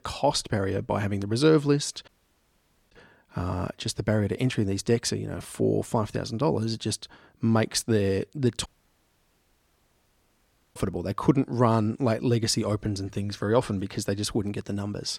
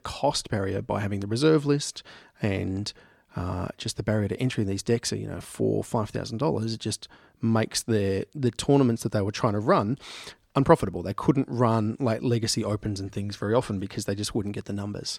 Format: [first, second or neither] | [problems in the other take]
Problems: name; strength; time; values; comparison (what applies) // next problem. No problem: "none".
second | audio cutting out; at 2 s for 1 s and at 8.5 s for 2 s